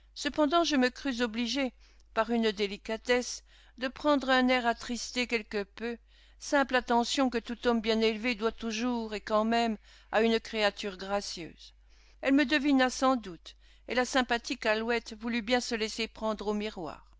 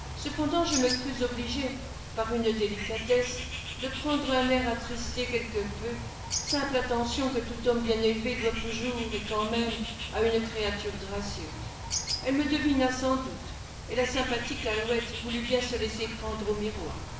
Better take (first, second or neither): first